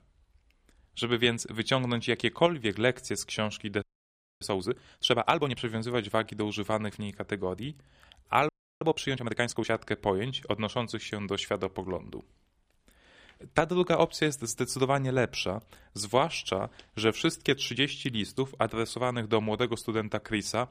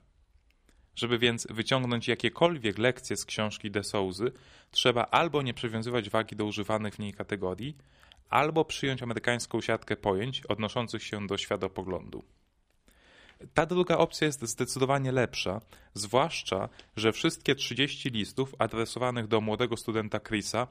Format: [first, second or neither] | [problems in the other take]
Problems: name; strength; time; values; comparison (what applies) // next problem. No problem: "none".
second | audio freezing; at 4 s for 0.5 s and at 8.5 s